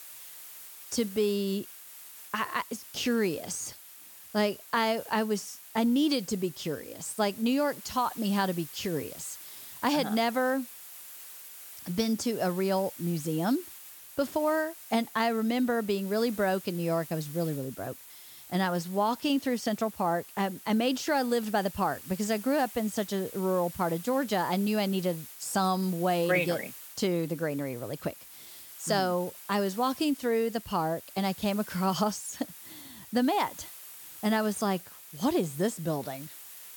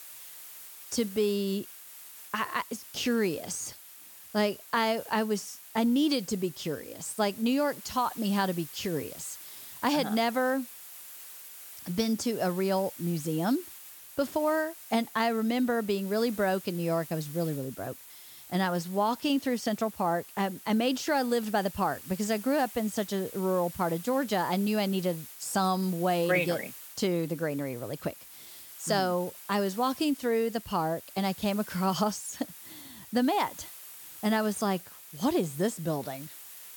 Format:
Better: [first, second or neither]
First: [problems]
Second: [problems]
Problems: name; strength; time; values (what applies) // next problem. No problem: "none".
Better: neither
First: hiss; noticeable; throughout; 15 dB below the speech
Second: hiss; noticeable; throughout; 15 dB below the speech